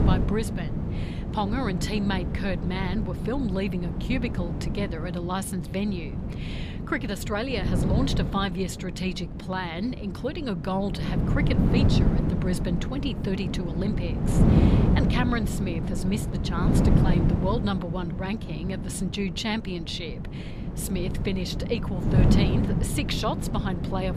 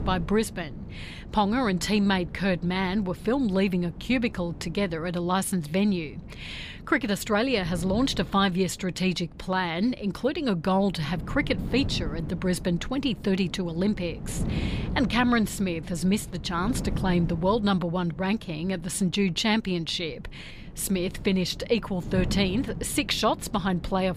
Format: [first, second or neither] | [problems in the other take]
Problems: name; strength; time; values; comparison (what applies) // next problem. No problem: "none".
second | wind noise on the microphone; heavy; 3 dB below the speech; occasional gusts in the second